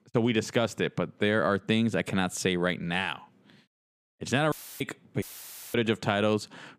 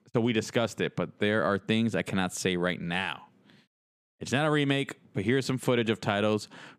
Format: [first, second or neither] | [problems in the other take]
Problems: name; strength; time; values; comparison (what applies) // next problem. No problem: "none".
second | audio cutting out; filled with static; at 4.5 s and at 5 s for 0.5 s